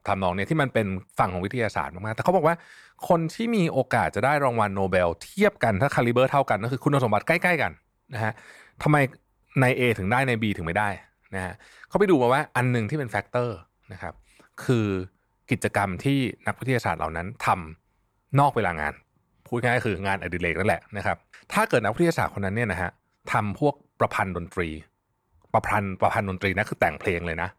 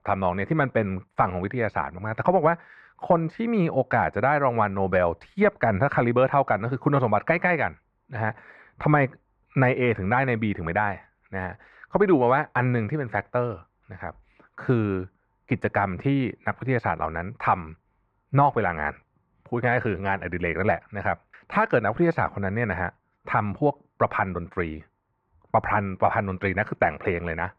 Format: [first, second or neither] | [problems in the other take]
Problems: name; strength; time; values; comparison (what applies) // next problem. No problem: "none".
first | muffled; very; fading above 1.5 kHz